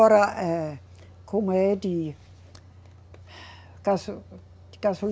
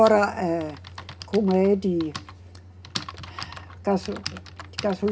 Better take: first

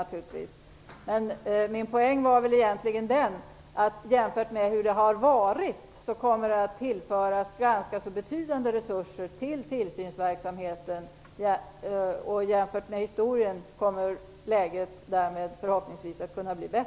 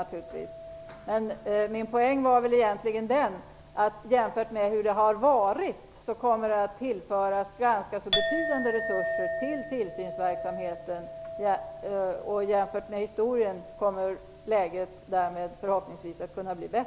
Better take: first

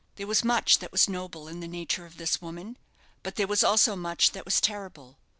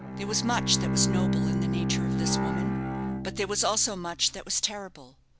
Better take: first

